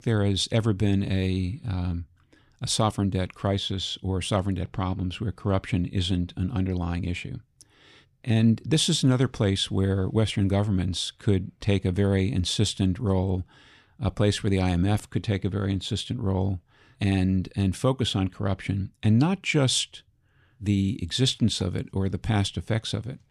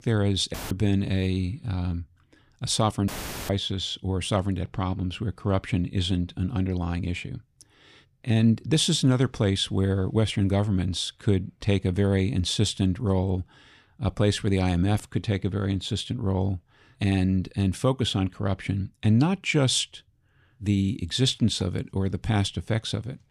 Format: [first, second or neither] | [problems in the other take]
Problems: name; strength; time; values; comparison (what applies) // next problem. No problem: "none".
first | audio cutting out; filled with static; at 0.5 s and at 3 s